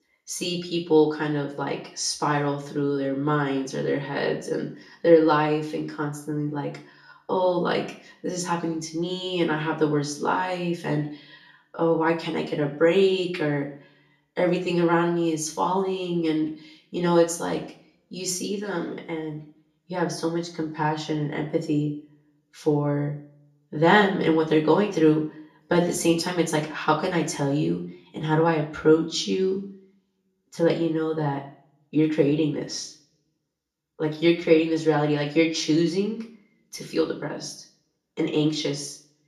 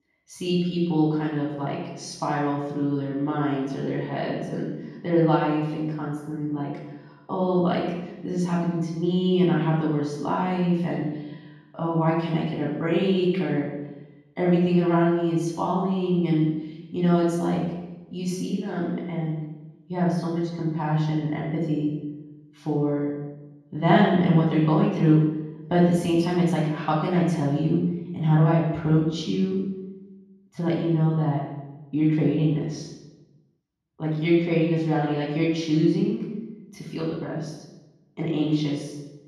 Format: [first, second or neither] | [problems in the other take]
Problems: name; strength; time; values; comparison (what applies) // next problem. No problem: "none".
first | room echo; strong; dies away in 1.3 s; slight in the first // off-mic speech; far; far in the first